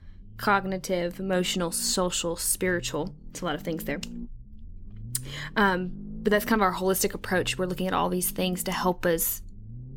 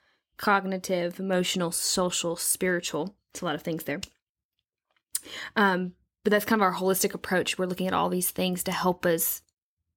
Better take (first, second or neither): second